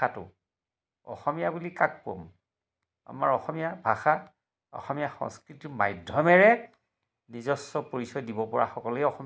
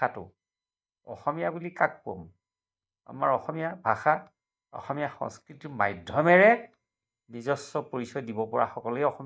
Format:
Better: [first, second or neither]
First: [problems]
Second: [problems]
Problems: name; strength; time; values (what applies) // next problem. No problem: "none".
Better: first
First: none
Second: noise reduction (neural mask model DeepFilterNet 3)